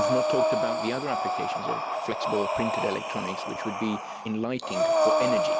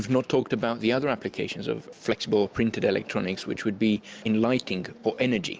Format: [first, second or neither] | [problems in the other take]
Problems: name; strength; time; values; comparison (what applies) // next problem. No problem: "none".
second | background sound (Breathing); 5 dB above the speech